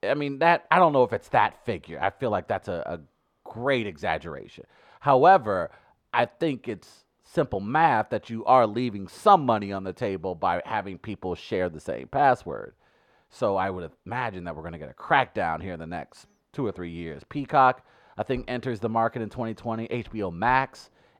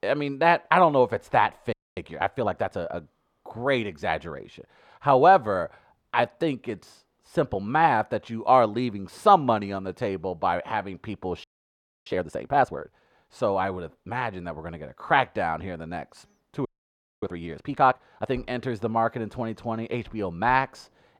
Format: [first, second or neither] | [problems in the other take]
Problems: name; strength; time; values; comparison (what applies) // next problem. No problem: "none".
first | audio freezing; at 1.5 s, at 11 s for 0.5 s and at 17 s for 0.5 s